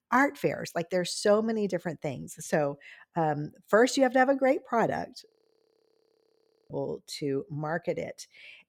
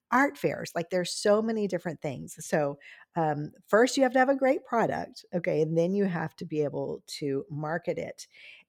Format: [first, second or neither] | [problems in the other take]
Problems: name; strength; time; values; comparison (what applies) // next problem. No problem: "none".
second | audio freezing; at 5.5 s for 1.5 s